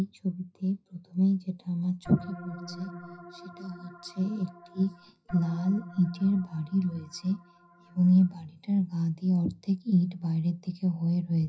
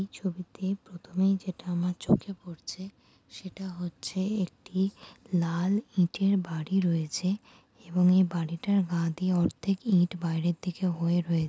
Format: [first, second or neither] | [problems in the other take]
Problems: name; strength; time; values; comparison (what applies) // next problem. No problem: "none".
second | noise reduction (classical method WPE with log-MMSE)